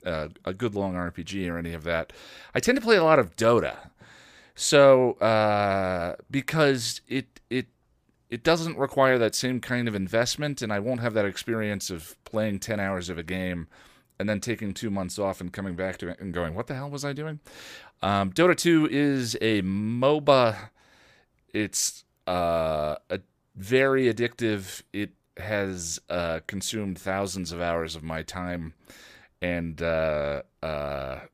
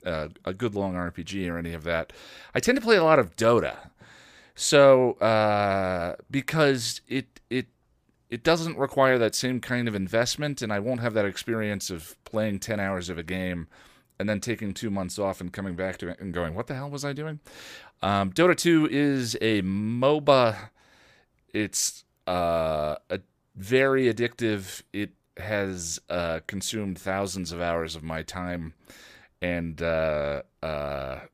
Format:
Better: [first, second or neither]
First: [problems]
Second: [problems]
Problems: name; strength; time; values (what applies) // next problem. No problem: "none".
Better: neither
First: none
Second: none